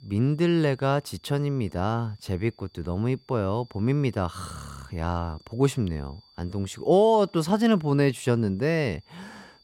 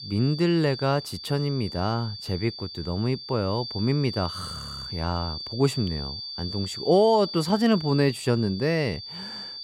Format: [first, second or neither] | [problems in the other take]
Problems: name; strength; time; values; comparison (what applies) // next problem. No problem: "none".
first | high-pitched whine; loud; throughout; 4.5 kHz, 9 dB below the speech; faint in the first